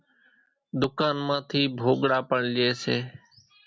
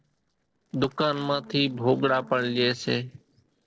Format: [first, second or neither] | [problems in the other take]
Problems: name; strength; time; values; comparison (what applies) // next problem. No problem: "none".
first | noise reduction (neural separator model SepFormer DNS4)